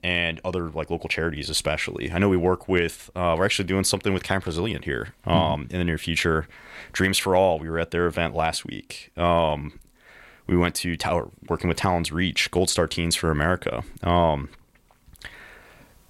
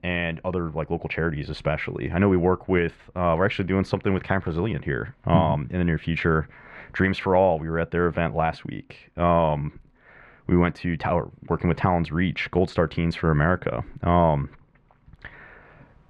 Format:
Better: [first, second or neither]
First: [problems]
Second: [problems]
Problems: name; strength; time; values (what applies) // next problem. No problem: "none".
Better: first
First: none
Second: muffled; very; fading above 1.5 kHz